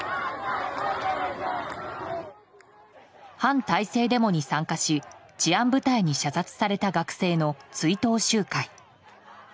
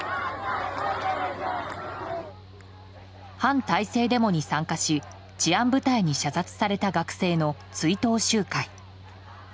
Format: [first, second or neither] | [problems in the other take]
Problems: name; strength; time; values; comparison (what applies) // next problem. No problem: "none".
first | background sound (Mechanical fan); 20 dB below the speech